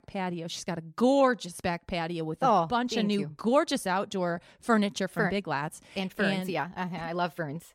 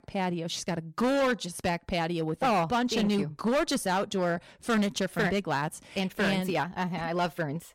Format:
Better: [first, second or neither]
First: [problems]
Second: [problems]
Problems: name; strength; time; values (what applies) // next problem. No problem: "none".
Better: first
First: none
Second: distortion; heavy; 10% of the sound clipped